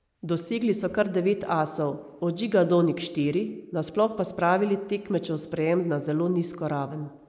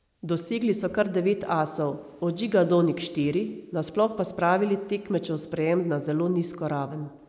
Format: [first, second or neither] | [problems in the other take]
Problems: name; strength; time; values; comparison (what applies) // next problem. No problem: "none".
second | noise reduction (neural mask model Resemble Enhance denoiser)